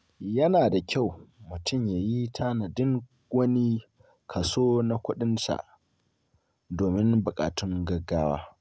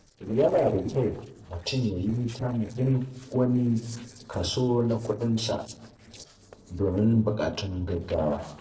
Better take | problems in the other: first | noise reduction (neural separator model SepFormer DNS4)

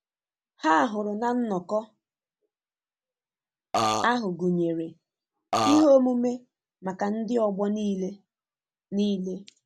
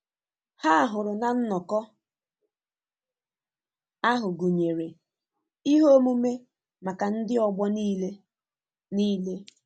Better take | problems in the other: second | background sound (Burping, eructation); 3 dB above the speech

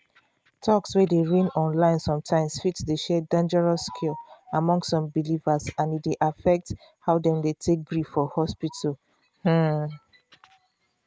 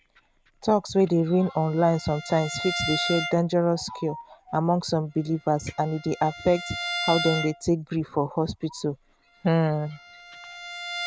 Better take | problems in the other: first | background sound (Bowed string instrument); 11 dB below the speech

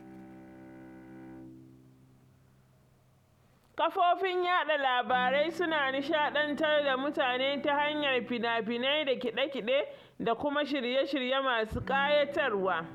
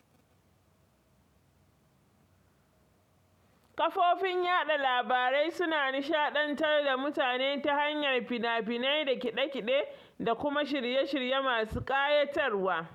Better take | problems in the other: second | background sound (Bowed string instrument); 19 dB below the speech

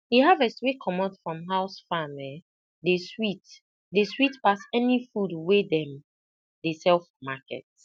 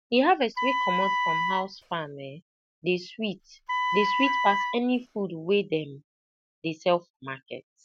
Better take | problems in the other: first | background sound (Wind instrument, woodwind instrument); as loud as the speech

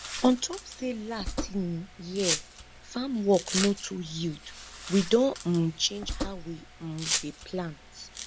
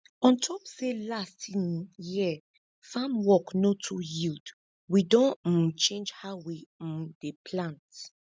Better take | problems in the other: second | background sound (Domestic sounds, home sounds); 7 dB below the speech

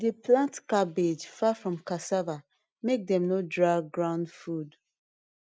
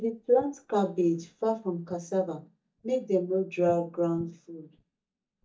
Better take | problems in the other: first | noise reduction (neural mask model DeepFilterNet 3)

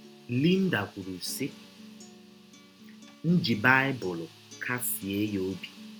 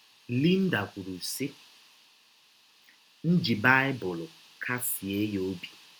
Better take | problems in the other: second | background sound (Acoustic guitar); 19 dB below the speech

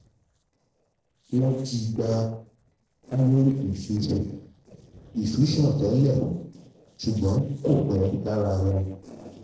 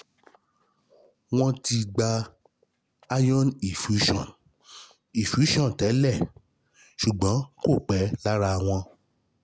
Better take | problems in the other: second | noise reduction (neural separator model SepFormer DNS4)

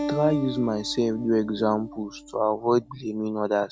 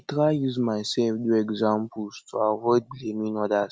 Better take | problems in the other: second | background sound (Acoustic guitar); 10 dB below the speech

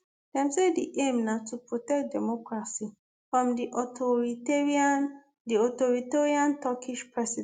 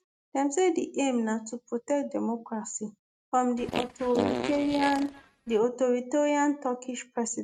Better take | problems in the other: first | noise reduction (neural mask model RNNoise)

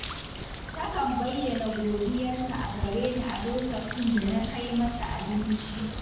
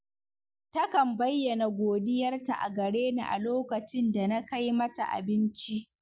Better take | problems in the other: second | background sound (Bird); 7 dB below the speech // room echo; dies away in 0.7 s

